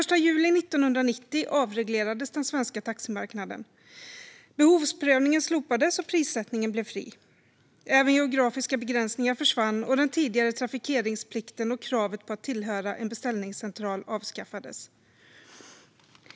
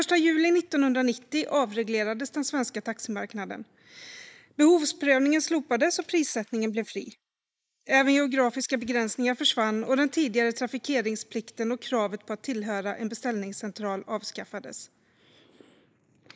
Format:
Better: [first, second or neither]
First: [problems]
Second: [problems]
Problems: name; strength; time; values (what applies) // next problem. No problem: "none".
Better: first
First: none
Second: noise reduction (neural mask model Resemble Enhance denoiser)